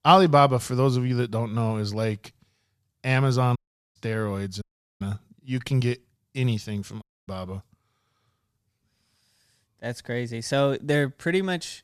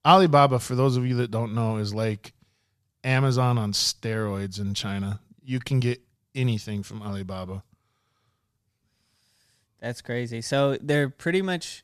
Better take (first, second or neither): second